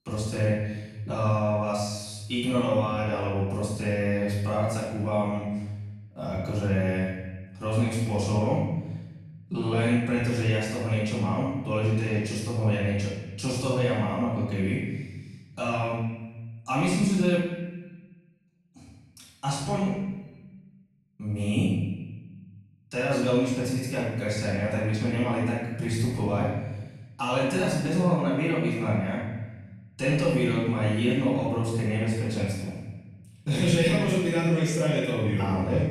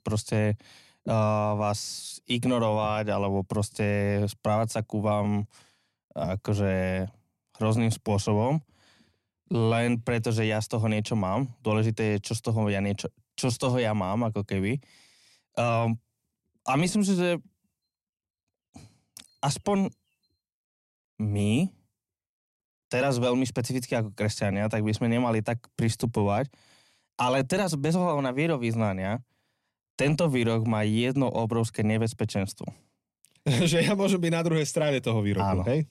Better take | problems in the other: second | room echo; strong; dies away in 1.1 s // off-mic speech; far

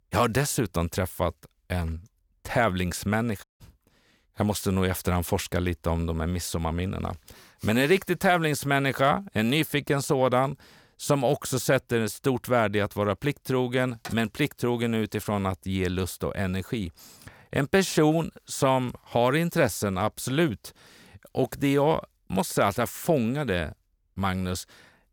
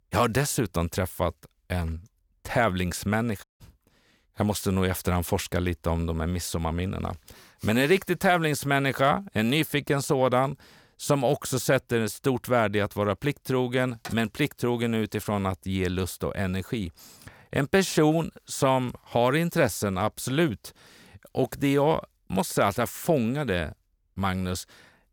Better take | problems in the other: neither | audio cutting out; at 3.5 s; the same in both

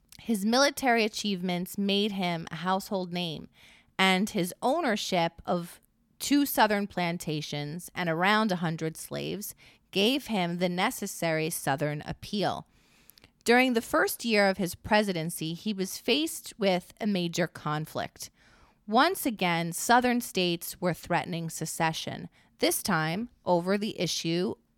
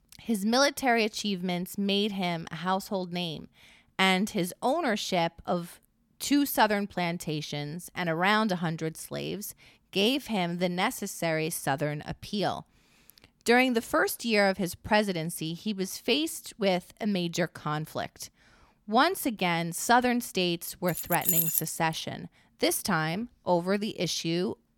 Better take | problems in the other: first | jangling keys; loud; at 21 s; peak 5 dB above the speech

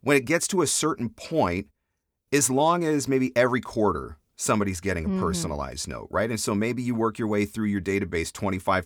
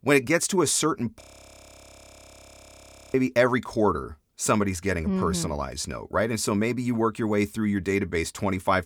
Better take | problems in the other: first | audio freezing; at 1 s for 2 s

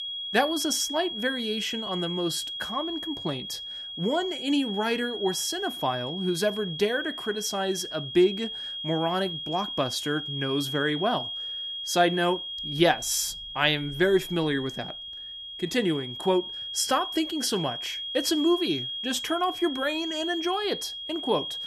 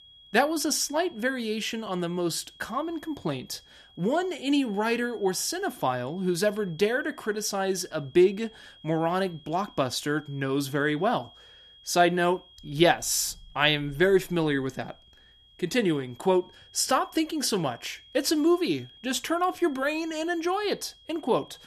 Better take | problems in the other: second | high-pitched whine; loud; throughout; 3.5 kHz, 5 dB below the speech; faint in the second

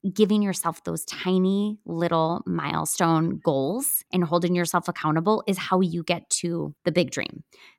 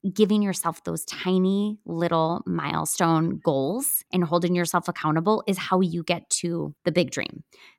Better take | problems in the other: neither | none

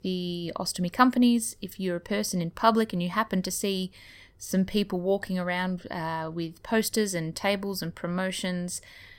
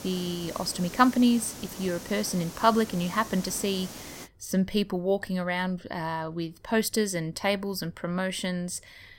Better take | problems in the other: first | hiss; noticeable; until 4.5 s; 15 dB below the speech

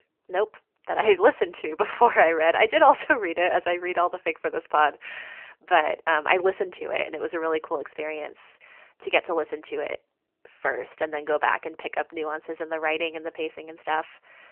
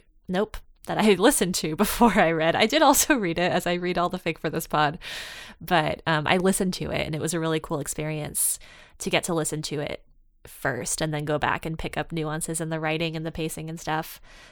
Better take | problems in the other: second | phone-call audio; nothing above 3 kHz

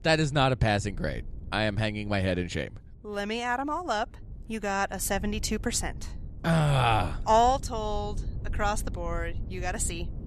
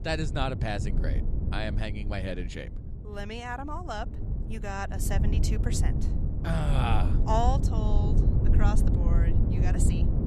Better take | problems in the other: first | wind noise on the microphone; heavy; 6 dB below the speech; occasional gusts in the first

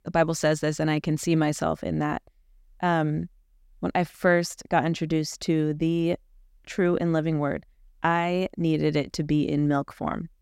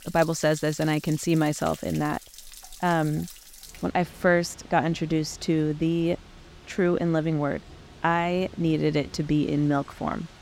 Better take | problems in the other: first | rain or running water; noticeable; throughout; 20 dB below the speech

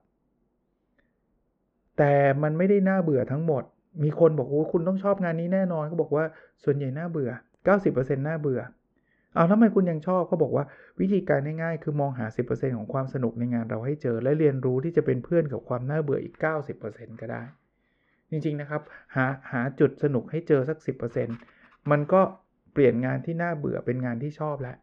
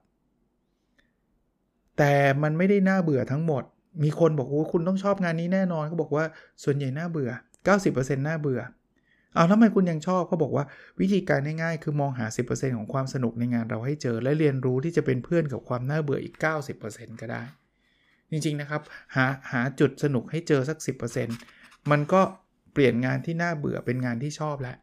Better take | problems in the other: second | muffled; very; fading above 2 kHz

